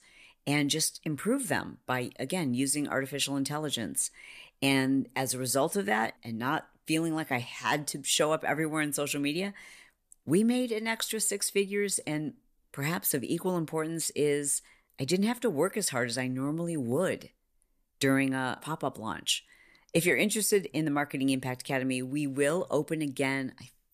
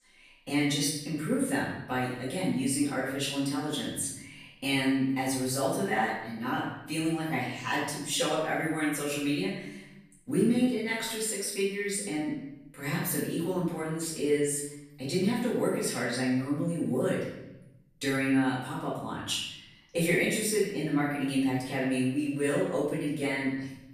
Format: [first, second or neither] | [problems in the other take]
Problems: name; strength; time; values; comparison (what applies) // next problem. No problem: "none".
first | off-mic speech; far // room echo; noticeable; dies away in 0.9 s